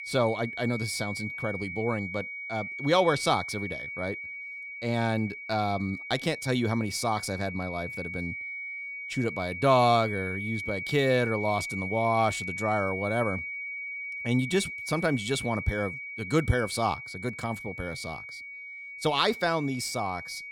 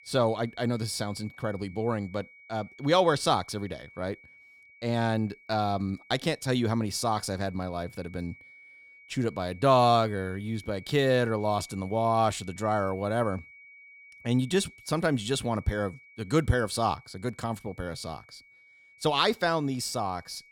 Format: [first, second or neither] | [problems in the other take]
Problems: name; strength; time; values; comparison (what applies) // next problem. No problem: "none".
second | high-pitched whine; loud; throughout; 2.5 kHz, 7 dB below the speech; faint in the second